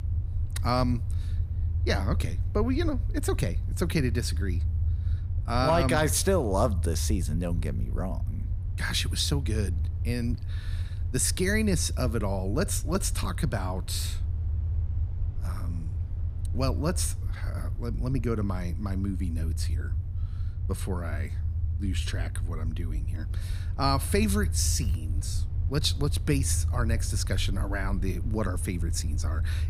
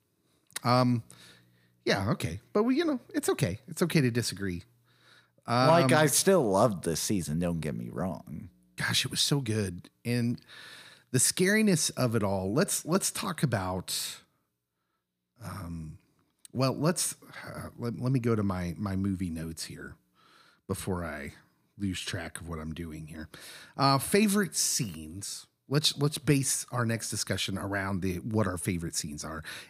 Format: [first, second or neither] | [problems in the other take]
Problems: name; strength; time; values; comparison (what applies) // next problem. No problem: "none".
second | low rumble; noticeable; throughout; 15 dB below the speech